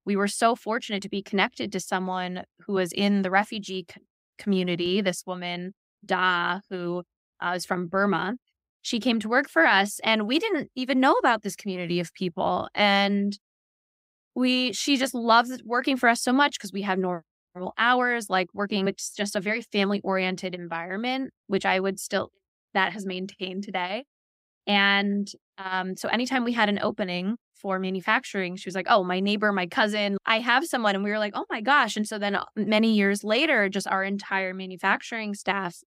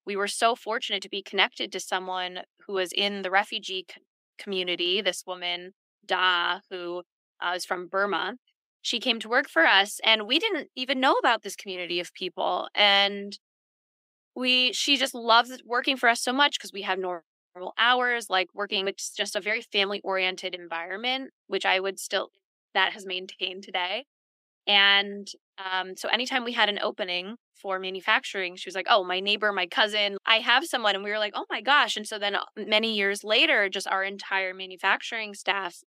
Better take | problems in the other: first | thin; somewhat; fading below 300 Hz

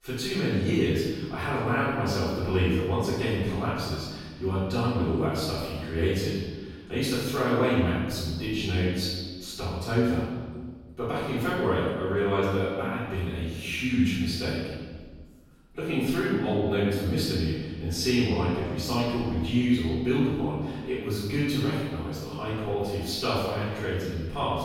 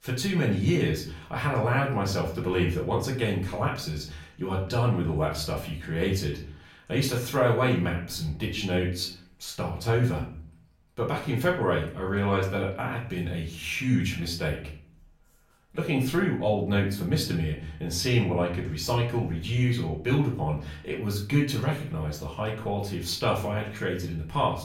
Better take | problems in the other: second | room echo; strong; dies away in 1.5 s; slight in the second // off-mic speech; far; far in the second

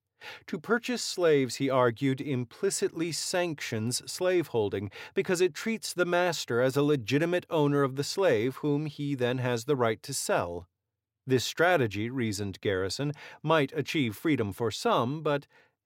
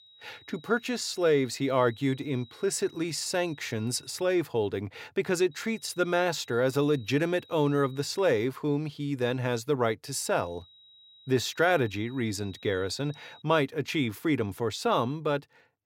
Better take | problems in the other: first | high-pitched whine; faint; until 4 s, from 5.5 to 8 s and from 10 to 13 s; 4 kHz, 25 dB below the speech

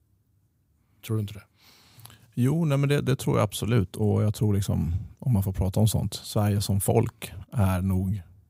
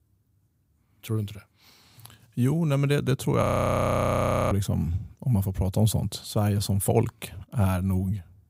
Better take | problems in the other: first | audio freezing; at 3.5 s for 1 s

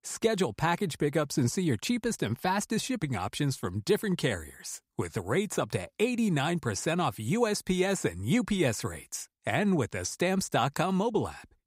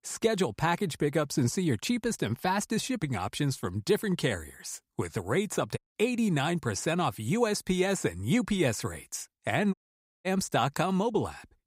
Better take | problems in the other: first | audio cutting out; at 6 s and at 9.5 s for 0.5 s

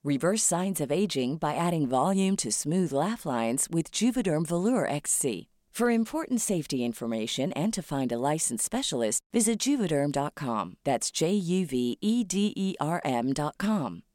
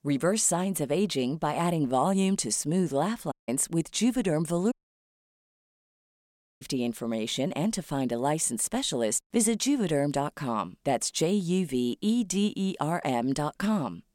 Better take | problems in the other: first | audio cutting out; at 3.5 s and at 4.5 s for 2 s

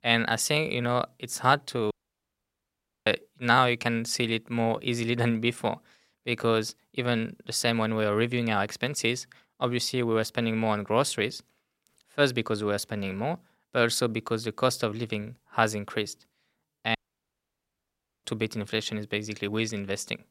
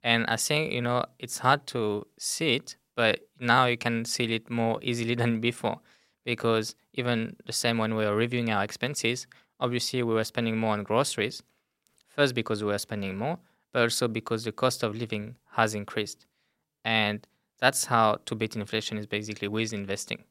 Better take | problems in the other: second | audio cutting out; at 2 s for 1 s and at 17 s for 1.5 s

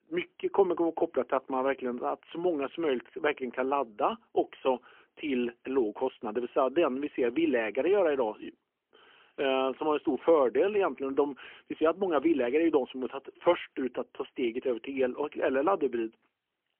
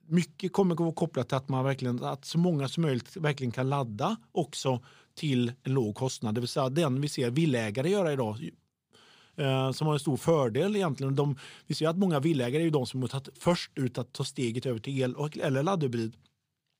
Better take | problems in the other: second | phone-call audio; poor line; nothing above 3 kHz

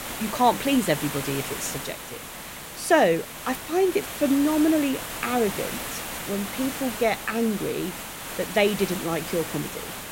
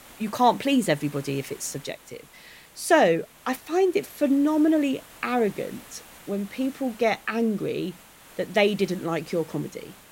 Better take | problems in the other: second | hiss; loud; throughout; 8 dB below the speech; faint in the second

